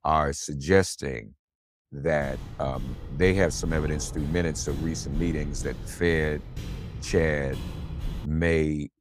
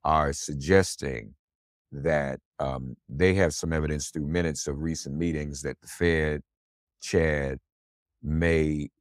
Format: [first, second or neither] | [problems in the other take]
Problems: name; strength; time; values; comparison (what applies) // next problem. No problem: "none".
second | footsteps; noticeable; from 2 to 8.5 s; peak 8 dB below the speech